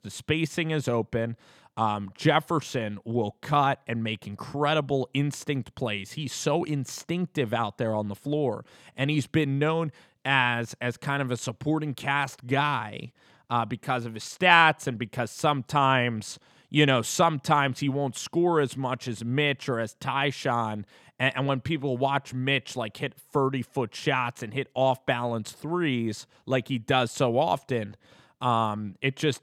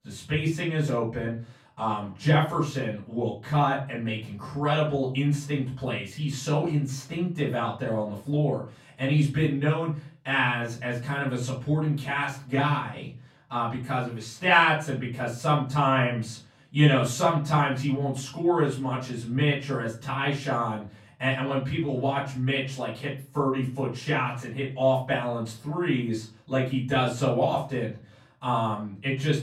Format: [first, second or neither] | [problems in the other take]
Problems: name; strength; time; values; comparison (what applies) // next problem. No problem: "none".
first | off-mic speech; far // room echo; slight; dies away in 0.3 s